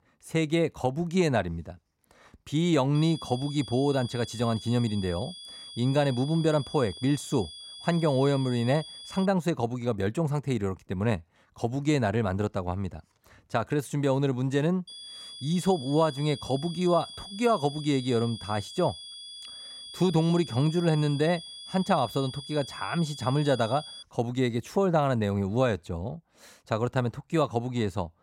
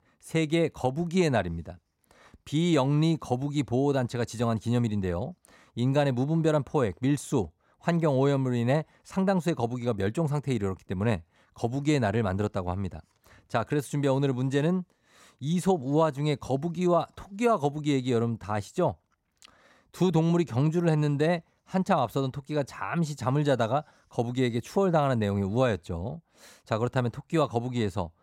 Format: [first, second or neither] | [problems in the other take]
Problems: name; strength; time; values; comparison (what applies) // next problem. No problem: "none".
second | high-pitched whine; noticeable; from 3 to 9.5 s and from 15 to 24 s; 3.5 kHz, 15 dB below the speech